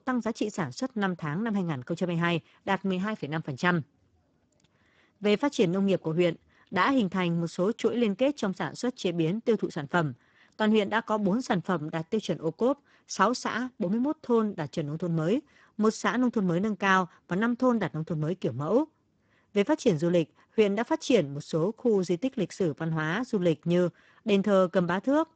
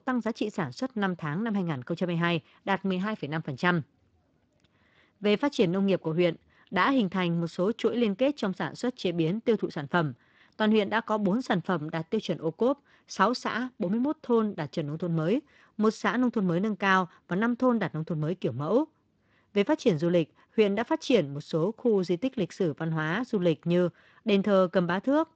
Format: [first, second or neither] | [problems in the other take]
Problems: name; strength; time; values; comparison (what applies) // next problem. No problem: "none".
second | garbled, watery; badly; nothing above 7.5 kHz; slightly in the second